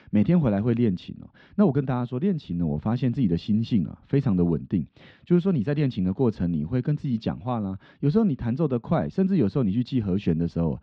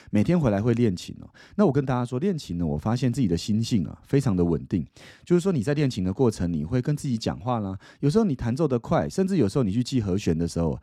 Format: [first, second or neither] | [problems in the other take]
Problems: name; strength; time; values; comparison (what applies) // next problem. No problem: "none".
second | muffled; slightly; fading above 3.5 kHz